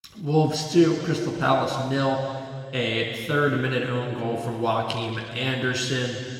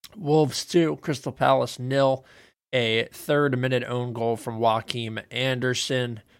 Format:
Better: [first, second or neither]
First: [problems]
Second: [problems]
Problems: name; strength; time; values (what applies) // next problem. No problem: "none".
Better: second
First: room echo; noticeable; dies away in 2.6 s // off-mic speech; somewhat distant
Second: none